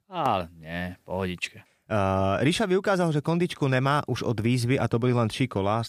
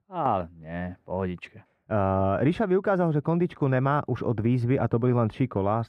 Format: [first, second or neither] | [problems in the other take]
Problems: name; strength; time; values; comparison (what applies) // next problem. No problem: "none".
first | muffled; very; fading above 2.5 kHz